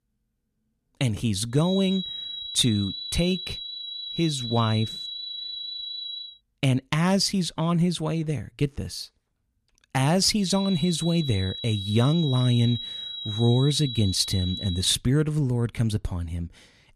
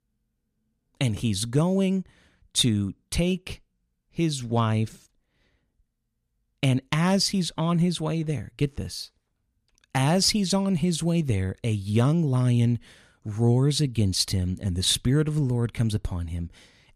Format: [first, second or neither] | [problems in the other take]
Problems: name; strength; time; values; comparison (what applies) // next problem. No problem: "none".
second | high-pitched whine; loud; from 1.5 to 6.5 s and from 10 to 15 s; 4 kHz, 8 dB below the speech